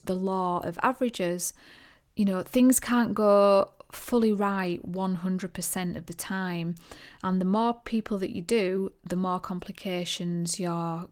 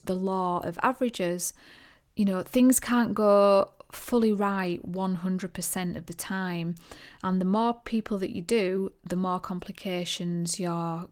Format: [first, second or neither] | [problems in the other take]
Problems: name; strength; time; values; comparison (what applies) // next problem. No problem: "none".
neither | garbled, watery; slightly; nothing above 17 kHz; the same in both